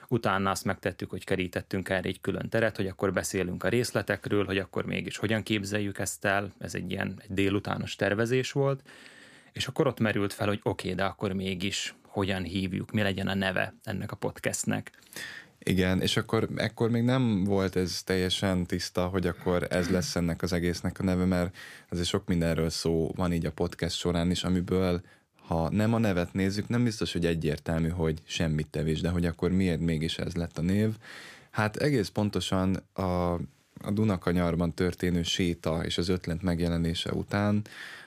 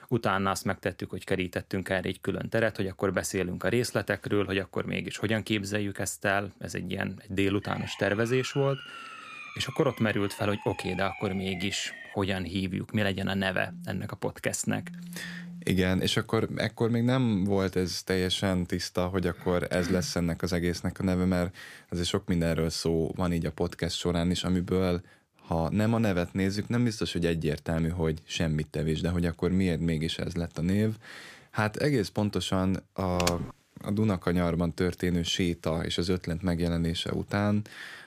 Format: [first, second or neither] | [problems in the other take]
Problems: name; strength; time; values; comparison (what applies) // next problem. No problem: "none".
first | siren; faint; from 7.5 to 12 s; peak 10 dB below the speech // phone ringing; faint; from 14 to 16 s; peak 15 dB below the speech // keyboard typing; noticeable; at 33 s; peak 3 dB below the speech